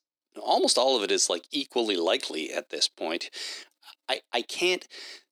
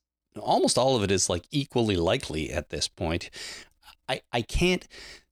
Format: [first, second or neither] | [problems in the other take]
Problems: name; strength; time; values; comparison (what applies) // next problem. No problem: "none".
second | thin; somewhat; fading below 300 Hz